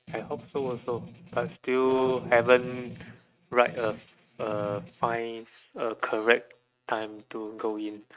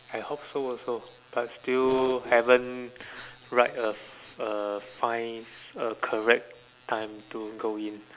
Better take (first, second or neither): second